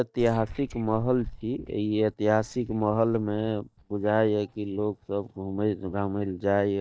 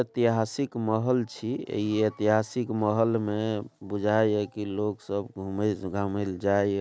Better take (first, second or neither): second